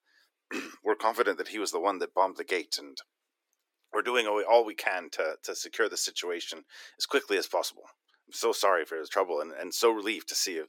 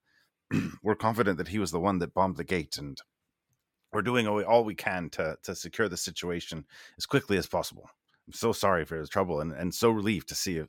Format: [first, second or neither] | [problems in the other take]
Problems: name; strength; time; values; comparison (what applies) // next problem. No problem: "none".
second | thin; somewhat; fading below 300 Hz